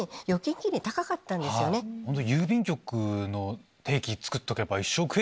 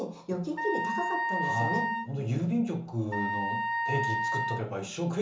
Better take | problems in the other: first | background sound (Wind instrument, woodwind instrument); as loud as the speech // room echo; dies away in 0.8 s

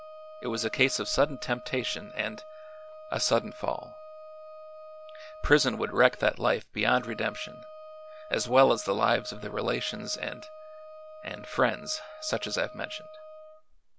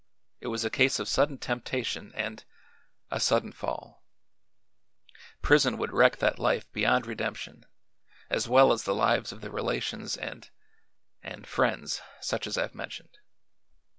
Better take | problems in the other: second | background sound (Wind instrument, woodwind instrument); 15 dB below the speech

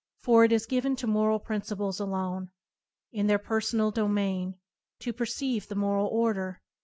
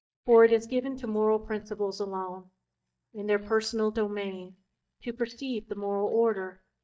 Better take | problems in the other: first | noise reduction (neural mask model DeepFilterNet 3)

